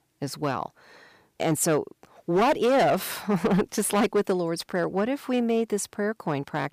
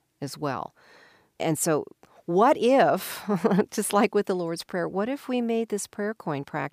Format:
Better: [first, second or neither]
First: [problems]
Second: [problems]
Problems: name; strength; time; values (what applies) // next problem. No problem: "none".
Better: second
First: distortion; slight; 7% of the sound clipped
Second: none